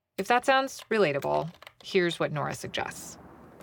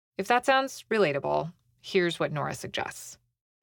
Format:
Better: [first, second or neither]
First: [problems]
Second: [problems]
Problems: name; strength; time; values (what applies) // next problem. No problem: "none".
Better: second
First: household noises; faint; throughout; 25 dB below the speech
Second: none